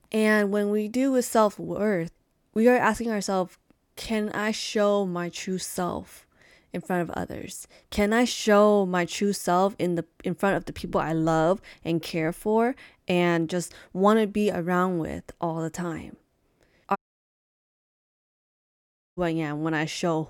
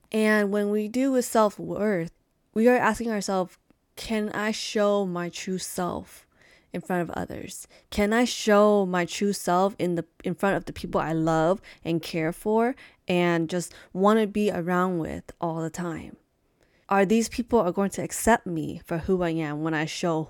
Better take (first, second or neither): second